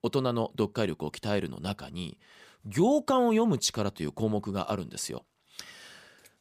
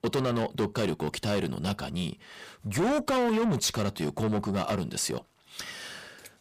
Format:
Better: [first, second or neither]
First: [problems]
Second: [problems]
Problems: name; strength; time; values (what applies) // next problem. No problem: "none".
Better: first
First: none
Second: distortion; heavy; 6 dB below the speech